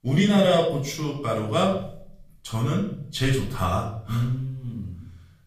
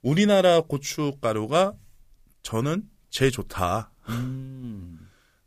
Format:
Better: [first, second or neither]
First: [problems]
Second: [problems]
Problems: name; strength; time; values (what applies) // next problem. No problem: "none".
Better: second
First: room echo; slight; dies away in 0.6 s // off-mic speech; far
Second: none